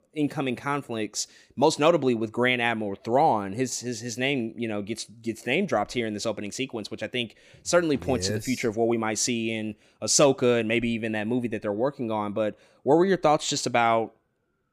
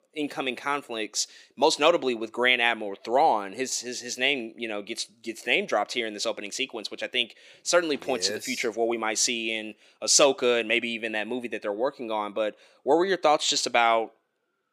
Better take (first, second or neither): first